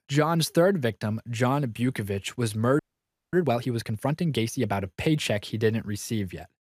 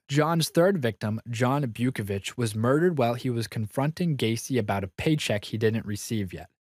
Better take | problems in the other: second | audio freezing; at 3 s for 0.5 s

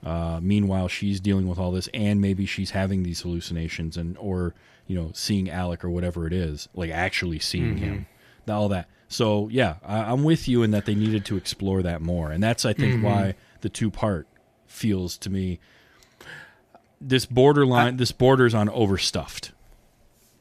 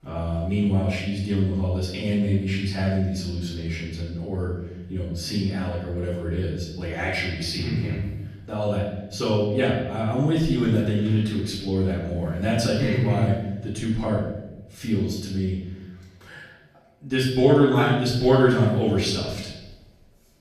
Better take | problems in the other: first | room echo; noticeable; dies away in 1 s // off-mic speech; far

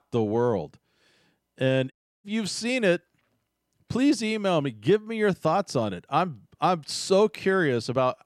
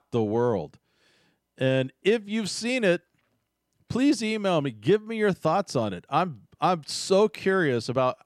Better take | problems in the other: second | audio cutting out; at 2 s

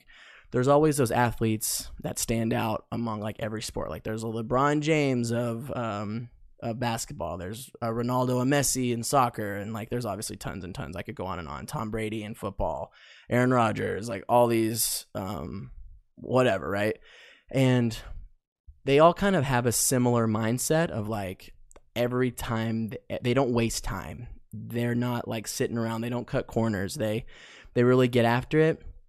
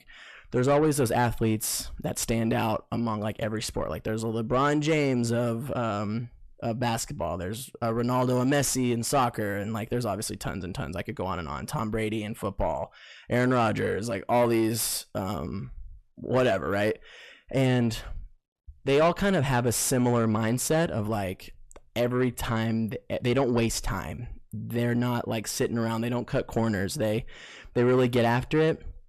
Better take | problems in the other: first | distortion; slight; 10 dB below the speech

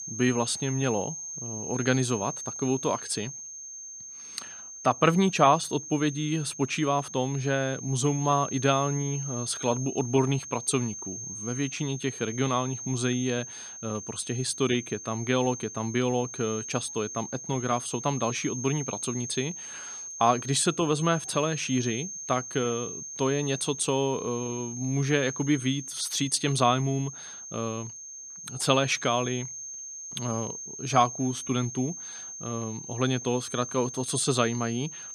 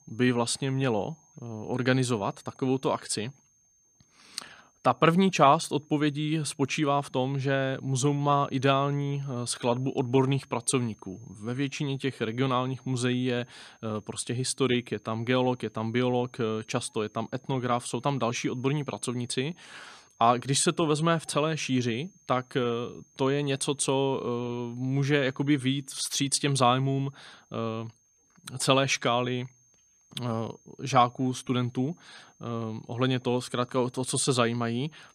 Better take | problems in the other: second | high-pitched whine; loud; throughout; 6.5 kHz, 9 dB below the speech; faint in the second

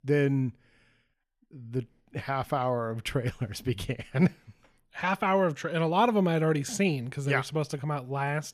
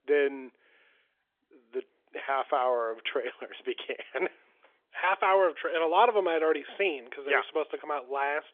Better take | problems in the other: first | phone-call audio; nothing above 3.5 kHz

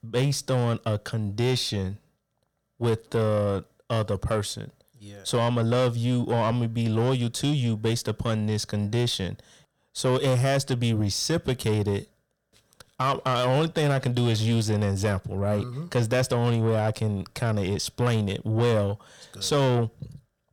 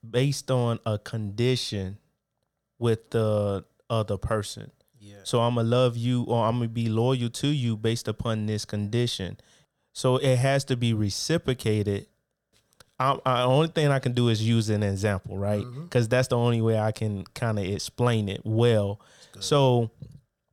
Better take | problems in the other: second | distortion; slight; 10 dB below the speech

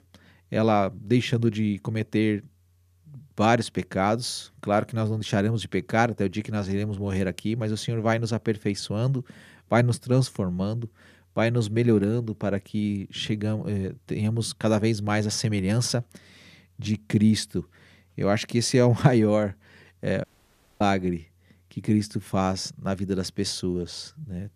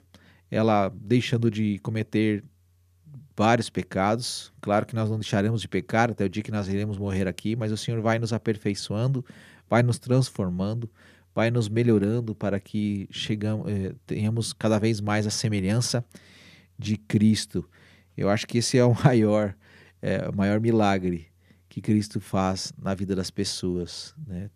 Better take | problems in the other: second | audio cutting out; at 20 s for 0.5 s

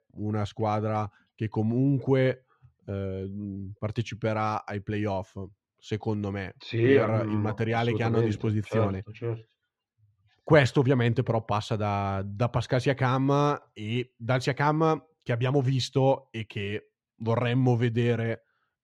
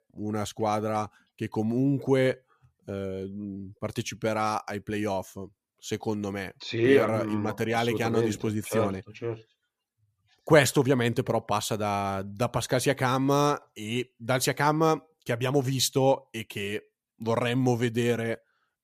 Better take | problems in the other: second | muffled; very slightly; fading above 3.5 kHz

